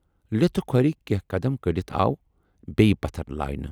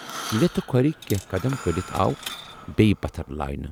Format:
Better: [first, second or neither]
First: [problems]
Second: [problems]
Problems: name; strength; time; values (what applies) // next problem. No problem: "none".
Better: first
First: none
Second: background sound (Coin (dropping) + Breathing); 14 dB below the speech